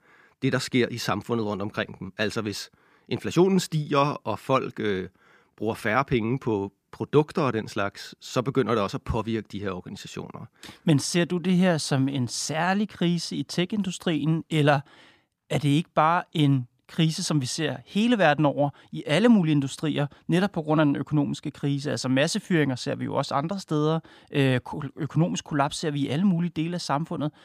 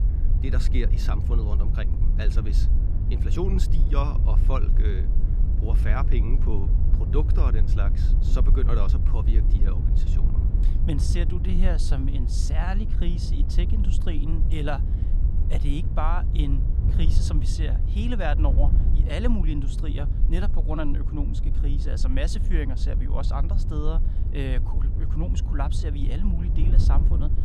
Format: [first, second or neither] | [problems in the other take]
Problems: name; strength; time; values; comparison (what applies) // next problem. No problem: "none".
first | wind noise on the microphone; heavy; 6 dB below the speech